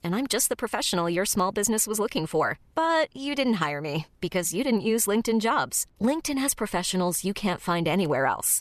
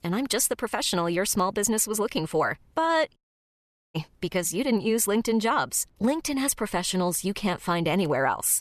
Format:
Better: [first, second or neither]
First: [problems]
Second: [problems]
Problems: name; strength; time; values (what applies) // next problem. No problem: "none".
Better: first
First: none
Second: audio cutting out; at 3 s for 1 s